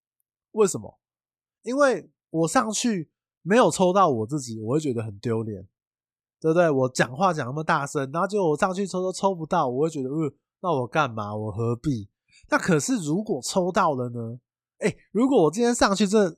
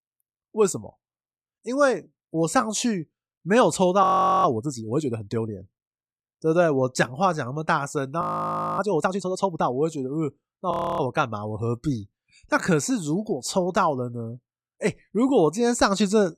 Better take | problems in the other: first | audio freezing; at 4 s, at 8 s for 0.5 s and at 11 s

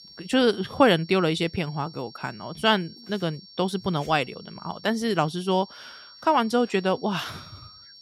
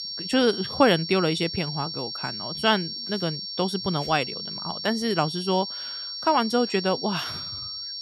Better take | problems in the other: first | high-pitched whine; loud; throughout; 5.5 kHz, 6 dB below the speech; faint in the first

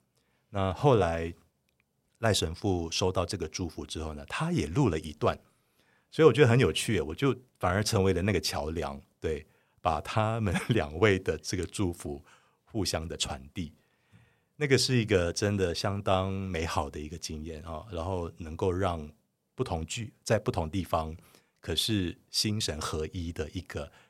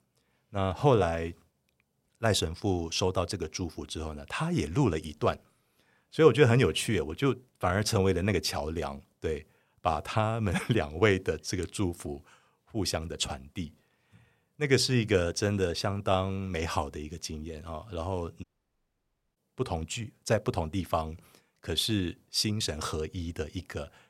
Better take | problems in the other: first | audio cutting out; at 18 s for 1 s

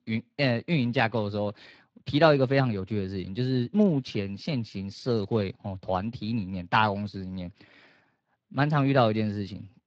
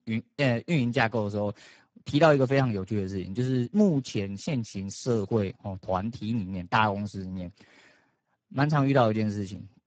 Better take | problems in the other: first | garbled, watery; badly; nothing above 7.5 kHz; slightly in the first

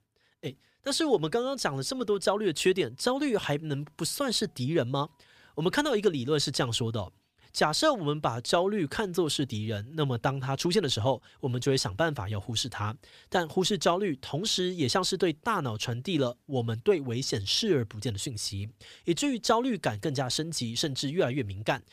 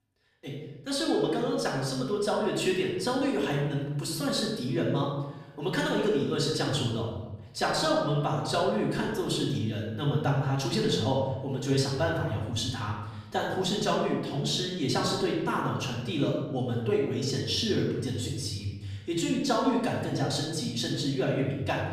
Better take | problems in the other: first | off-mic speech; far // room echo; noticeable; dies away in 1 s

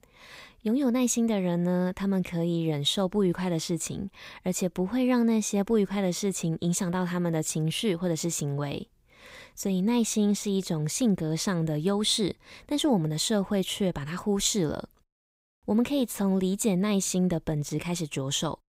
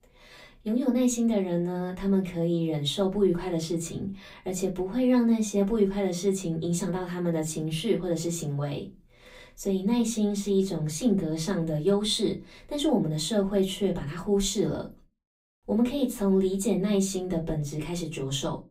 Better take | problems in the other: first | off-mic speech; far // room echo; very slight; dies away in 0.2 s

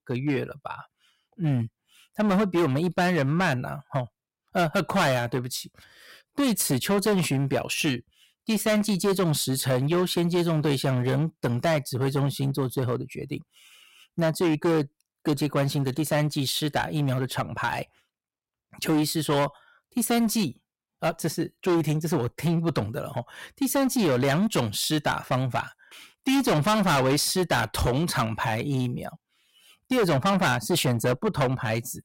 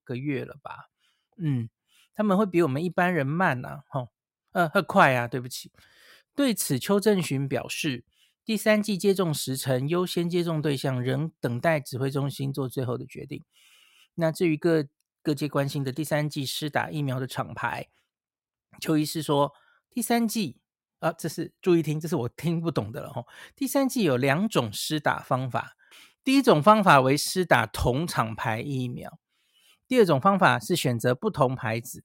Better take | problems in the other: second | distortion; heavy; 12% of the sound clipped

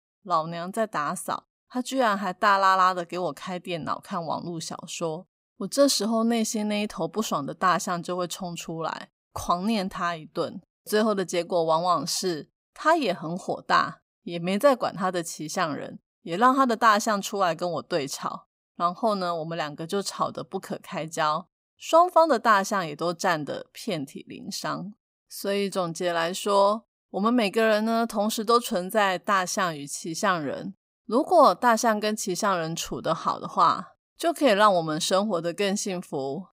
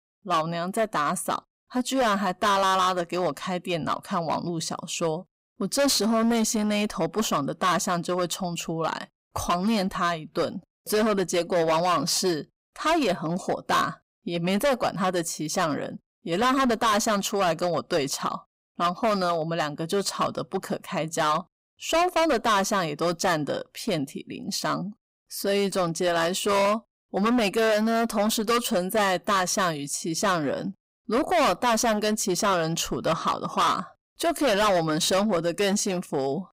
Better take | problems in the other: first | distortion; heavy; 12% of the sound clipped

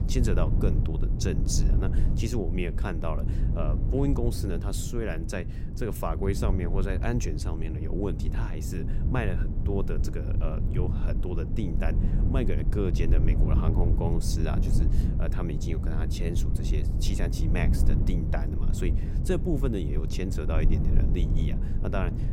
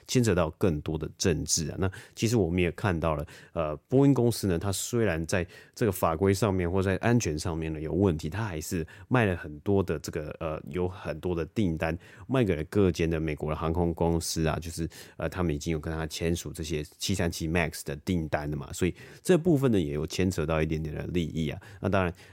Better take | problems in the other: second | low rumble; loud; throughout; 6 dB below the speech

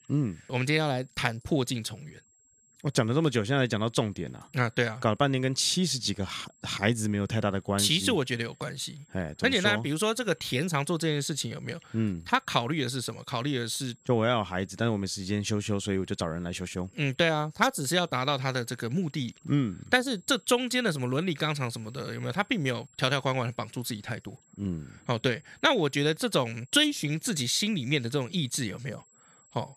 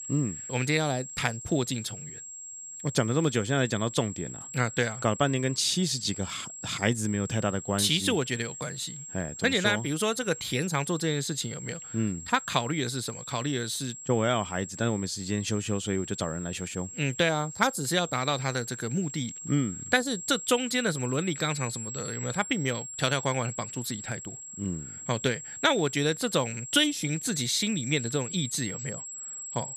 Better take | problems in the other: first | high-pitched whine; loud; throughout; 7.5 kHz, 10 dB below the speech; faint in the first

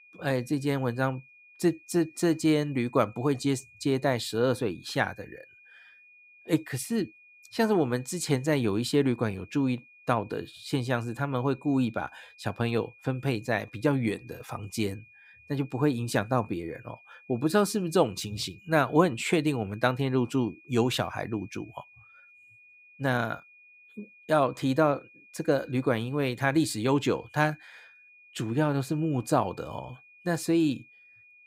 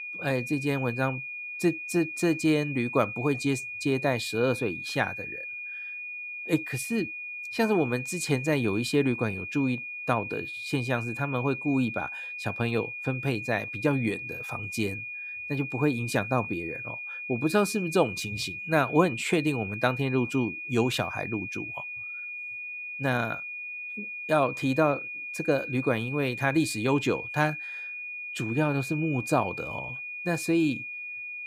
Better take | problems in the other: first | high-pitched whine; loud; throughout; 2.5 kHz, 6 dB below the speech; faint in the first

